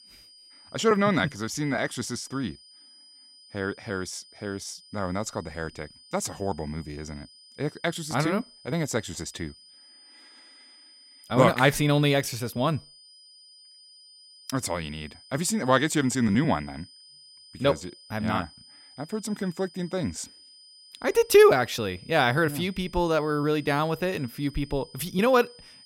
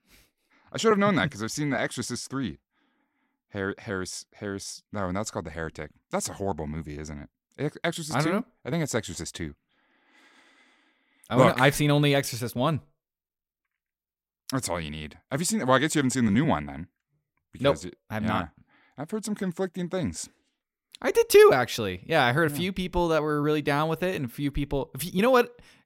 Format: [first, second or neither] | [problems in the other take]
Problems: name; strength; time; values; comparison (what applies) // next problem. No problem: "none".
second | high-pitched whine; faint; throughout; 5 kHz, 25 dB below the speech